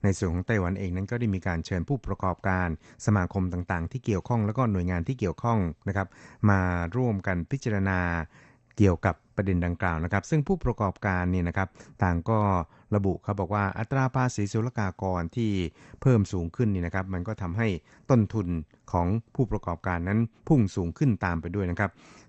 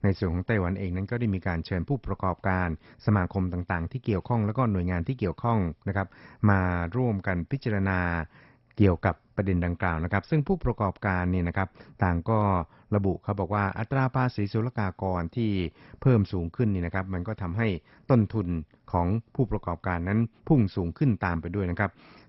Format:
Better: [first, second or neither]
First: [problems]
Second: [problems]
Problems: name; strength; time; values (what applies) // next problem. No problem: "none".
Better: first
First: garbled, watery; slightly; nothing above 8 kHz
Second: garbled, watery; badly; nothing above 5.5 kHz